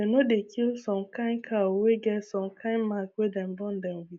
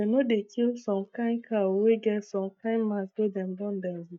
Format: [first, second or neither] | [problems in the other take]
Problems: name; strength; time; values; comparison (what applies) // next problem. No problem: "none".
first | noise reduction (neural mask model DeepFilterNet 3)